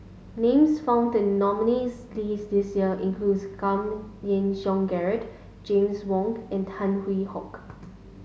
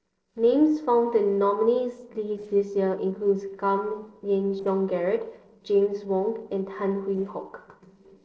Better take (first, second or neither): first